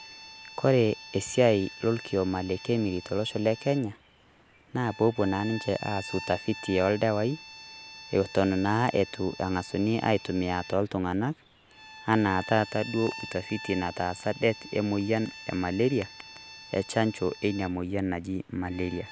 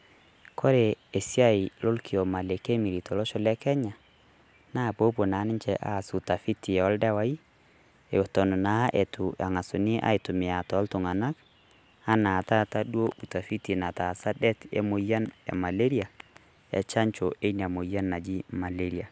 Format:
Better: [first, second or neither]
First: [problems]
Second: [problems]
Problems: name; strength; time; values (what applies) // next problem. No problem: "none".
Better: second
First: background sound (Bowed string instrument); 17 dB below the speech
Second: none